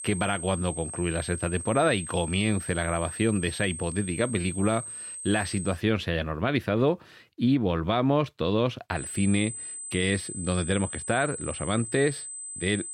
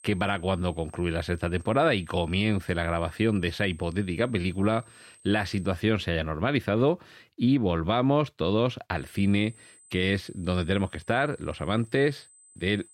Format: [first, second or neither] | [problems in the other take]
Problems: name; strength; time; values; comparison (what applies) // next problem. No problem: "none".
second | high-pitched whine; loud; until 5.5 s and from 9 s on; 8 kHz, 8 dB below the speech; faint in the second